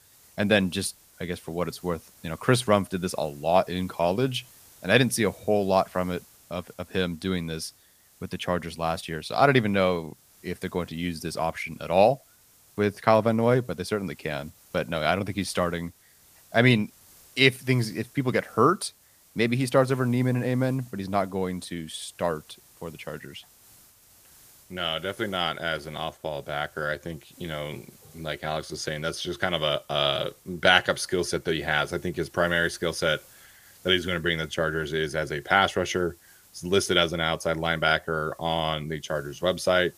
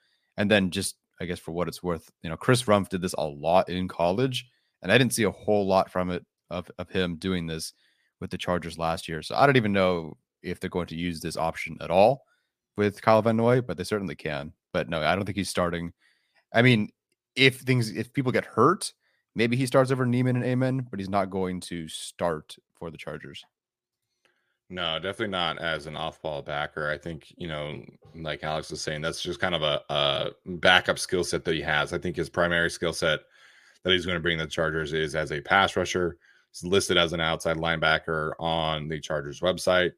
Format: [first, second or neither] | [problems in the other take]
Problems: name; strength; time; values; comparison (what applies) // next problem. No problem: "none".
second | hiss; faint; throughout; 25 dB below the speech